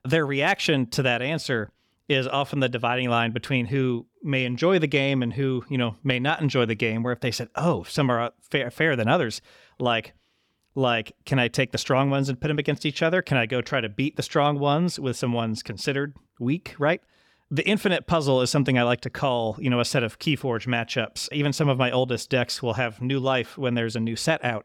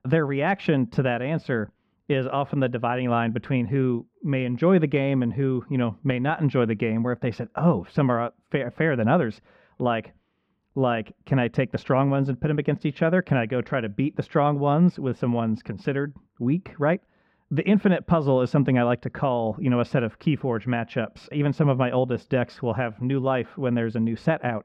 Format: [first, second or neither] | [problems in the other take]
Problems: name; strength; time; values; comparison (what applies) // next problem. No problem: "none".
first | muffled; very; fading above 4 kHz